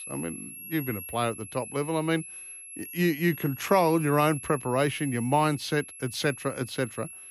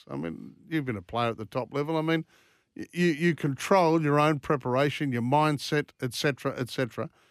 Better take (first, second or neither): second